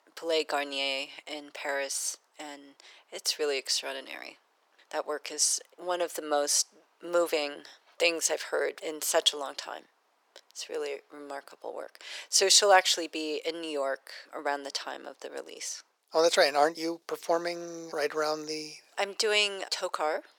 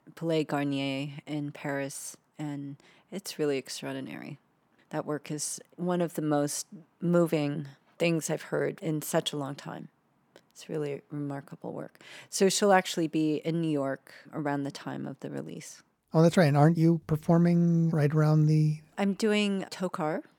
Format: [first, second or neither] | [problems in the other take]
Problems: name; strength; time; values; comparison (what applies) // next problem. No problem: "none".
second | thin; very; fading below 450 Hz